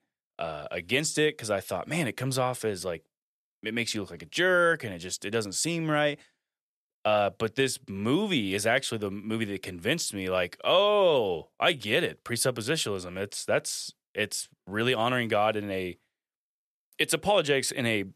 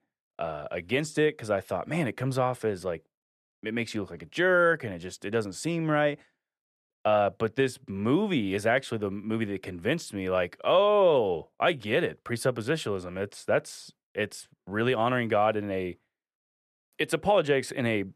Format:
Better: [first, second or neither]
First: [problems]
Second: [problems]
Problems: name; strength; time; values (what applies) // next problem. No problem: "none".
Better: first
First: none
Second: muffled; slightly; fading above 2.5 kHz